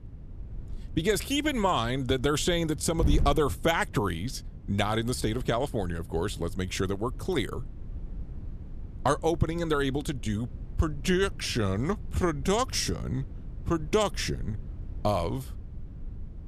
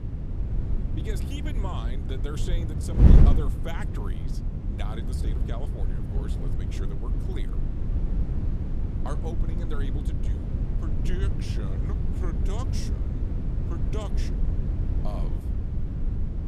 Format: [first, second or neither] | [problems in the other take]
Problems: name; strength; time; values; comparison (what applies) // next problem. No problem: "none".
first | wind noise on the microphone; heavy; 1 dB above the speech; occasional gusts in the first